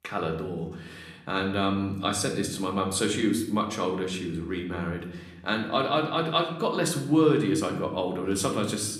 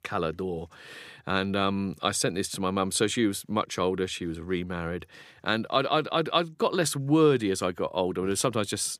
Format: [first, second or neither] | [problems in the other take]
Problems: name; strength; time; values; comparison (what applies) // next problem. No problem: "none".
second | room echo; slight; dies away in 0.8 s // off-mic speech; somewhat distant